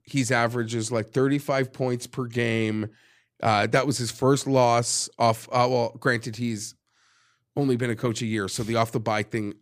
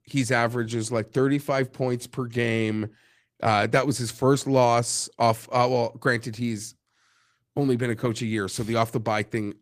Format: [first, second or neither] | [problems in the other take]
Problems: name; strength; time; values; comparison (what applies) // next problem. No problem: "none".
first | garbled, watery; slightly; nothing above 15 kHz